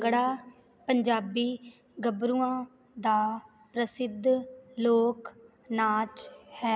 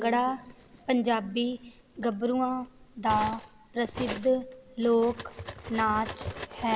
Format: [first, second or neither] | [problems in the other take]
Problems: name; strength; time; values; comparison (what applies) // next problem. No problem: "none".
first | background sound (Cutlery, silverware); 13 dB below the speech